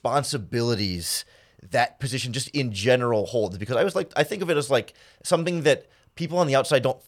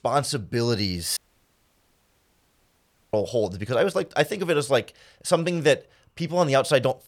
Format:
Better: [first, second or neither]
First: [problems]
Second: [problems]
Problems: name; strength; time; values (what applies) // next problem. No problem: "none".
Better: first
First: none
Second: audio cutting out; at 1 s for 2 s